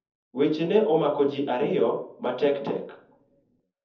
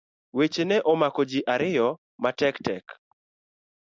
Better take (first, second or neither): second